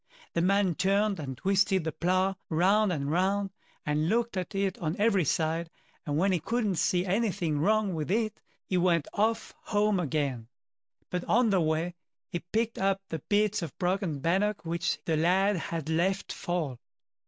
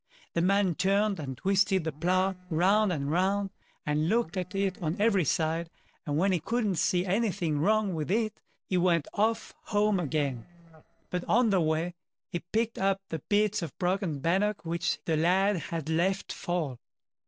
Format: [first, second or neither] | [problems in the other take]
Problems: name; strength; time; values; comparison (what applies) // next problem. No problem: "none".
first | noise reduction (neural separator model SepFormer DNS4)